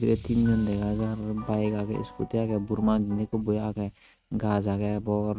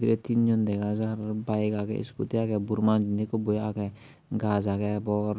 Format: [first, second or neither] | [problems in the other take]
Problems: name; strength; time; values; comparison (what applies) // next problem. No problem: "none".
second | noise reduction (neural mask model RNNoise)